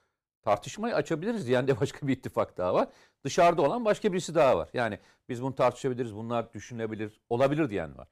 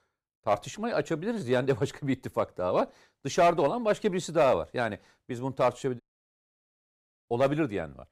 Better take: first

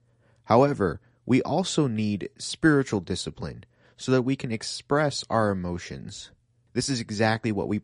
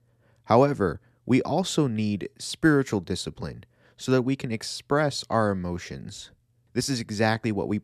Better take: second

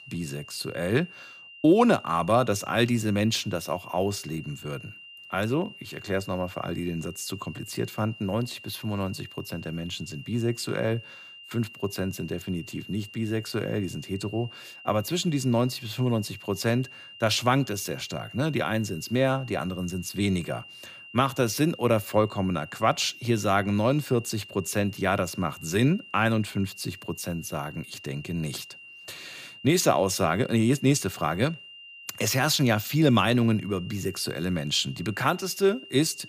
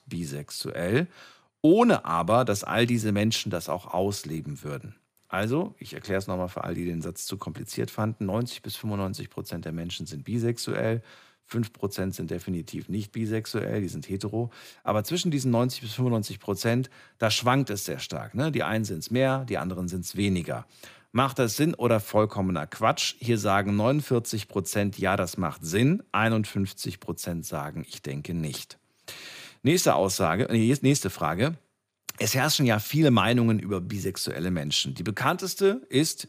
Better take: second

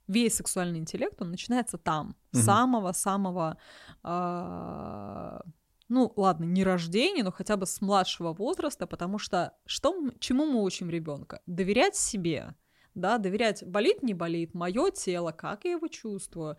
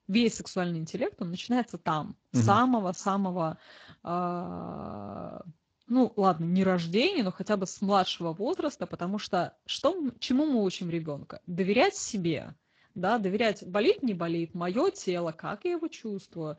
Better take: first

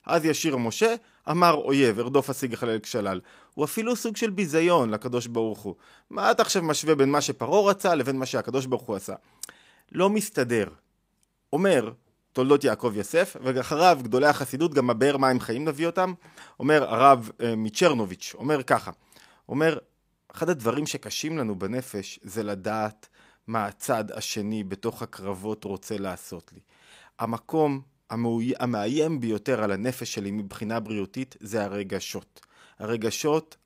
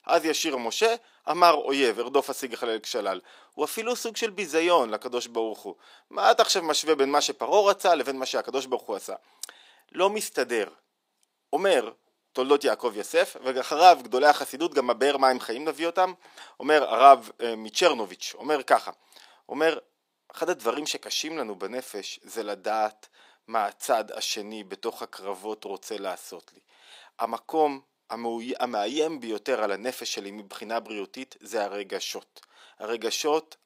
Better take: first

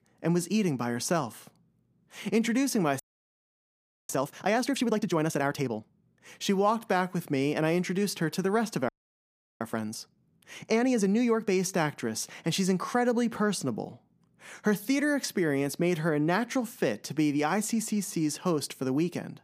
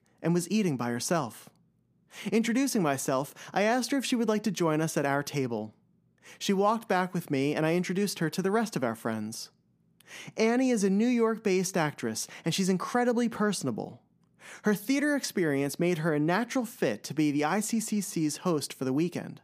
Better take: second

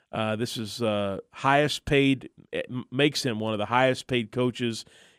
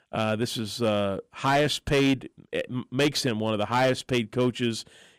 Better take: first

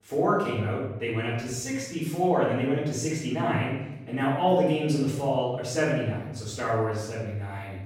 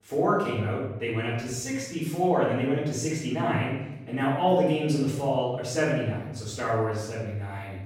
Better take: neither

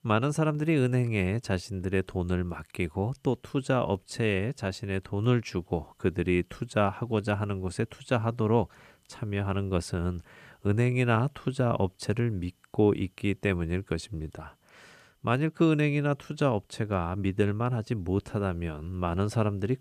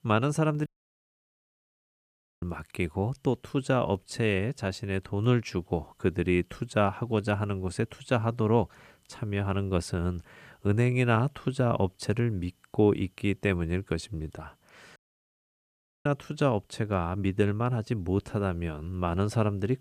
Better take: first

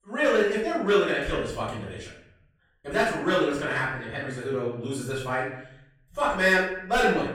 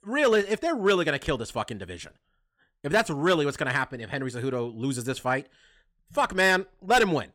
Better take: second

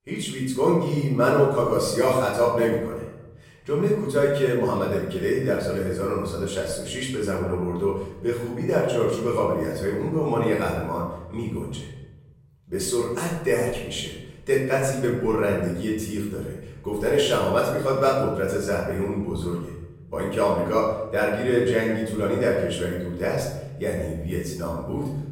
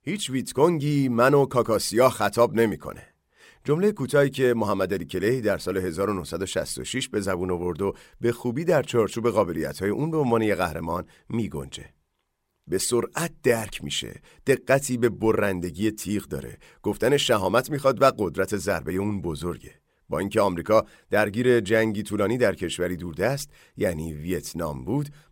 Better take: second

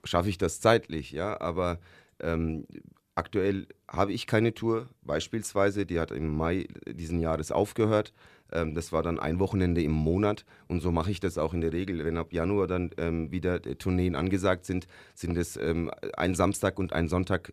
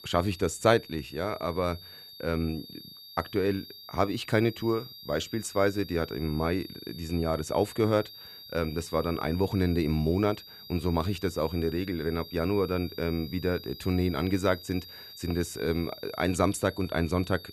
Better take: first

